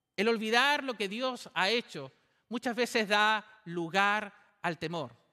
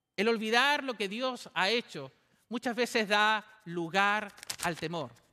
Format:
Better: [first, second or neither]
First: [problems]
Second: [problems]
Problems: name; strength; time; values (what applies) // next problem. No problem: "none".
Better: first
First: none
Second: household noises; noticeable; throughout; 10 dB below the speech